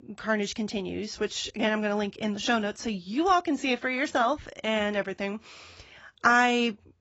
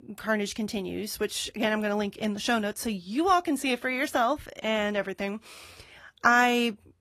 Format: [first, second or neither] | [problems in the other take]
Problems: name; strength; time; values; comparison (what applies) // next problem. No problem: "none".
second | garbled, watery; badly; nothing above 7.5 kHz; slightly in the second